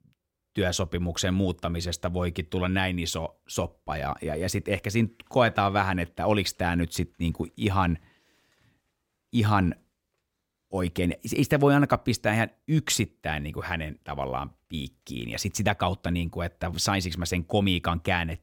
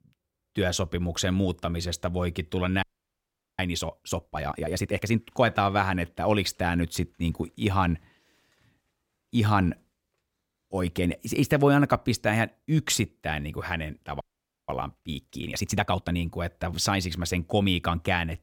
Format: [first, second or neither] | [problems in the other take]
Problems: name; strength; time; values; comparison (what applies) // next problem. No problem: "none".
first | audio freezing; at 3 s for 1 s and at 14 s